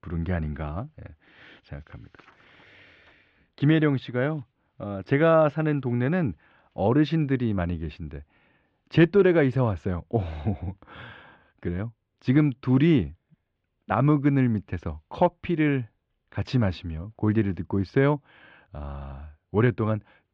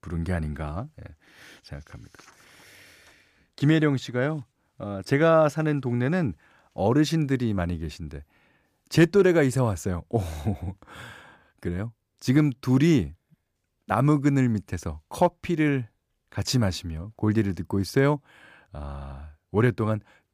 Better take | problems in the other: second | muffled; slightly; fading above 3 kHz

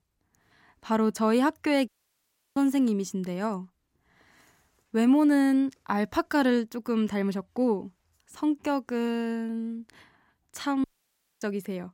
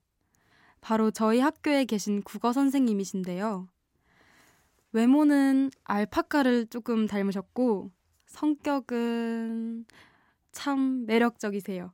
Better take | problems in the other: second | audio cutting out; at 2 s for 0.5 s and at 11 s for 0.5 s

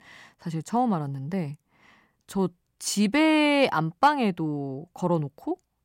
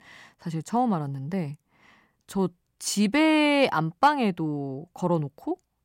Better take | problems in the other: neither | none

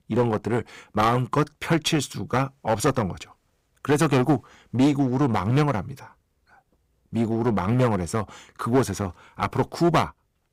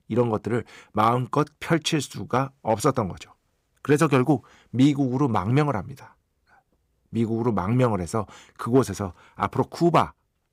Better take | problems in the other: second | distortion; slight; 6% of the sound clipped

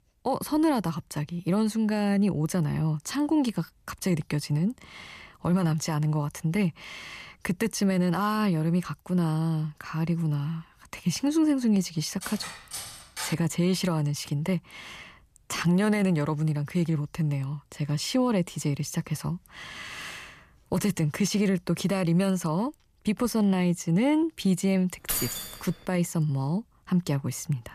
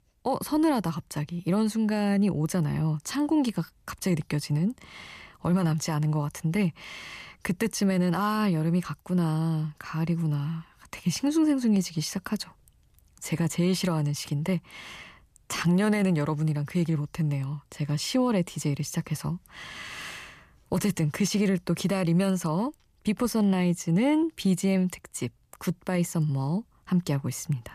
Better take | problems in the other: second | clattering dishes; noticeable; from 12 to 13 s; peak 8 dB below the speech // jangling keys; noticeable; at 25 s; peak 1 dB below the speech

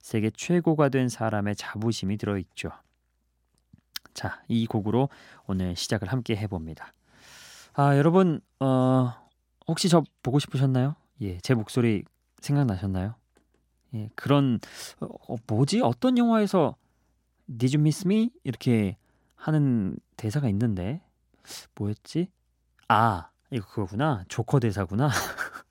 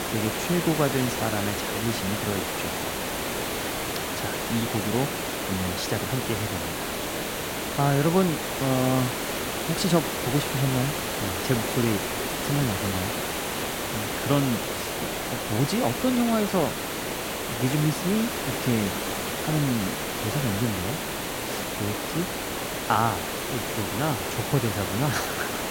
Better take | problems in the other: first | hiss; loud; throughout; 1 dB below the speech

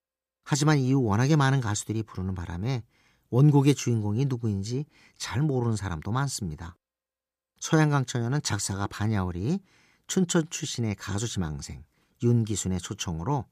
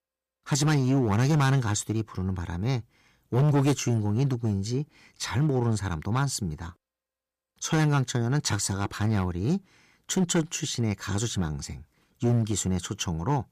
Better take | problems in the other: first | distortion; slight; 6% of the sound clipped

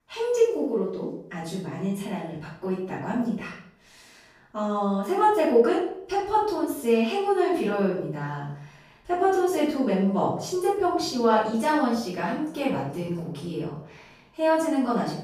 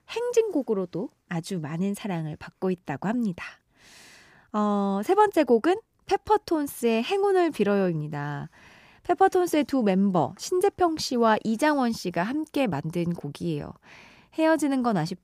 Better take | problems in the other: second | off-mic speech; far // room echo; noticeable; dies away in 0.5 s

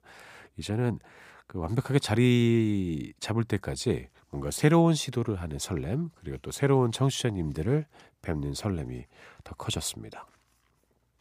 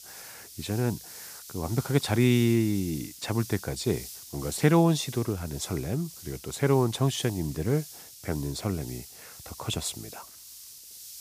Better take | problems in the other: first | hiss; noticeable; throughout; 15 dB below the speech

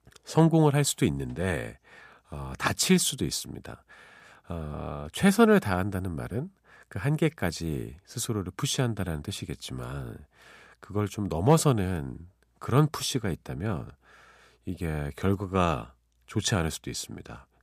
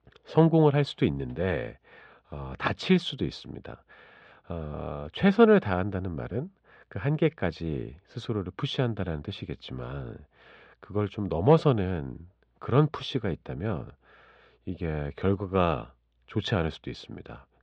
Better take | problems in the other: first | muffled; slightly; fading above 3.5 kHz

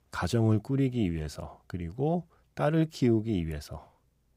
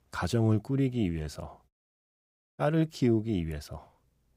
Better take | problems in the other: first | audio cutting out; at 1.5 s for 1 s

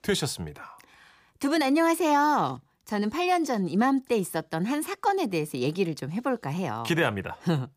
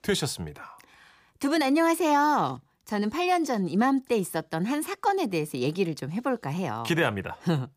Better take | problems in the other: neither | none

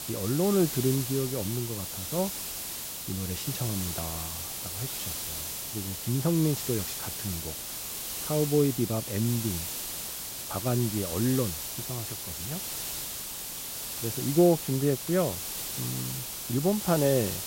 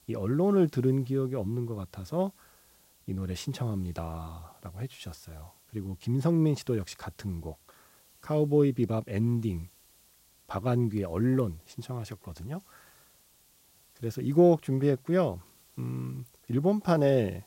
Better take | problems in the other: second | hiss; loud; throughout; 4 dB below the speech; faint in the second

